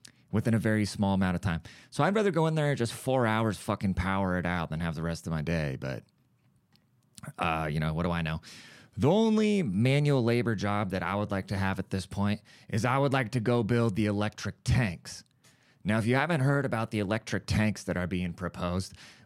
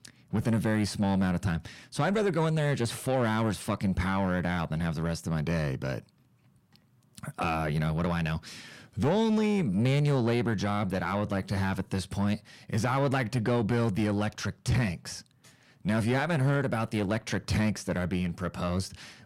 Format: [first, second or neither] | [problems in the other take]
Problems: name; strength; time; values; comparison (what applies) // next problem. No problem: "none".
first | distortion; slight; 10 dB below the speech